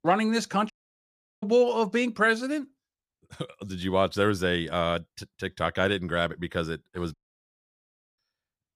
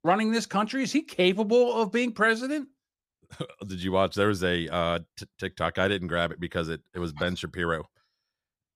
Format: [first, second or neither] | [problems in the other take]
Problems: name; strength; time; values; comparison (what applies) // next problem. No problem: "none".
second | audio cutting out; at 0.5 s for 0.5 s and at 7 s for 1 s